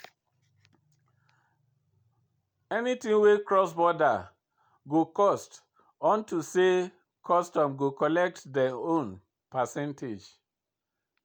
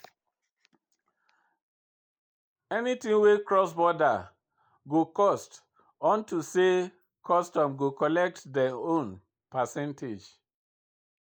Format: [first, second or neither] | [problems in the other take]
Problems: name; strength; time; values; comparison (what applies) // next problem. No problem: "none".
first | noise reduction (neural mask model Resemble Enhance denoiser)